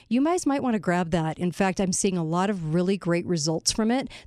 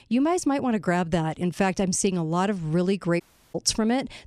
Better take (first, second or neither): first